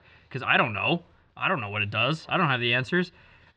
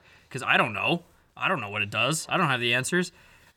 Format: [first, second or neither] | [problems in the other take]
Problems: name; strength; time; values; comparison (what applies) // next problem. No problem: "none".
second | muffled; slightly; fading above 4 kHz